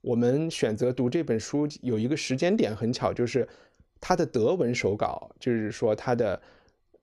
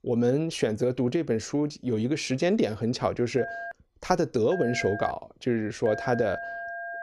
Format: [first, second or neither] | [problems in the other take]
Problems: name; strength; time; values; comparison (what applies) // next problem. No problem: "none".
first | phone ringing; noticeable; from 3.5 s on; peak 8 dB below the speech